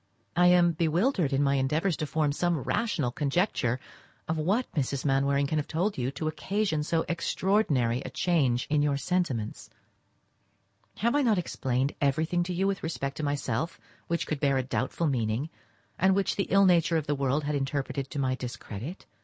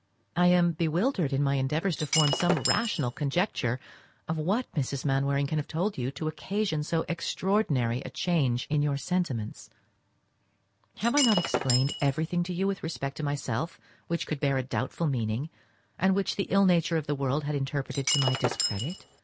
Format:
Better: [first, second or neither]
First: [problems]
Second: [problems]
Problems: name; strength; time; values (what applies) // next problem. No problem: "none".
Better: first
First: none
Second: background sound (Shatter); 3 dB below the speech